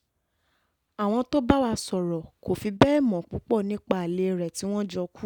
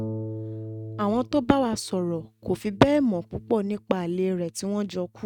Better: first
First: none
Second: noise reduction (neural mask model RNNoise)

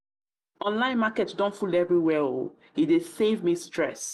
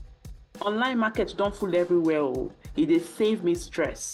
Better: first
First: none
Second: background sound (Drum / Drum kit); 19 dB below the speech

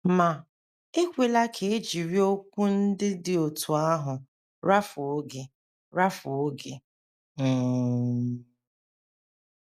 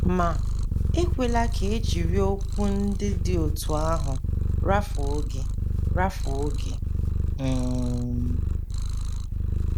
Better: first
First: none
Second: background sound (Purr); 5 dB above the speech

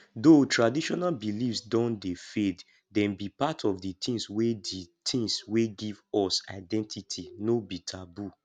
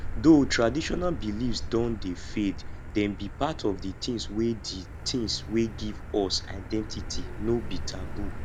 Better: first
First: none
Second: background sound (Motor vehicle (road)); 6 dB below the speech

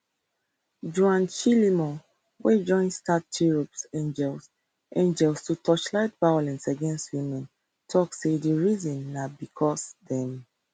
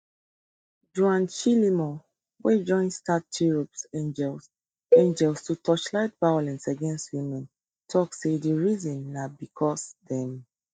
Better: first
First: none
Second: noise reduction (neural mask model DeepFilterNet 3)

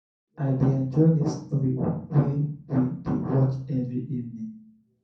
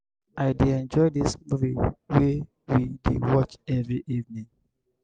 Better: second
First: room echo; dies away in 0.5 s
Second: none

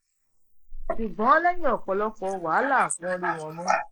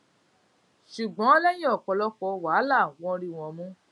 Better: second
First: noise reduction (neural mask model Resemble Enhance denoiser)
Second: none

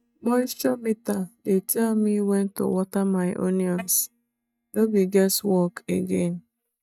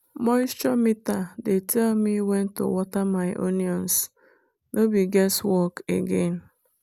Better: second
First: noise reduction (neural mask model DeepFilterNet 3)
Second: none

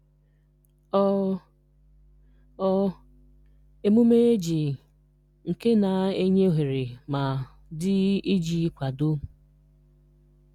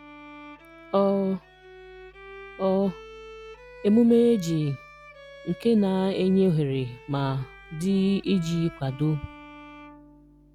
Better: first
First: none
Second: background sound (Bowed string instrument); 20 dB below the speech

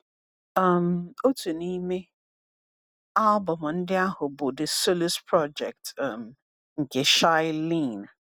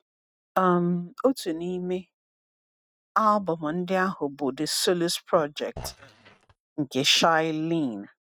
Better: first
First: none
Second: noise reduction (neural mask model RNNoise)

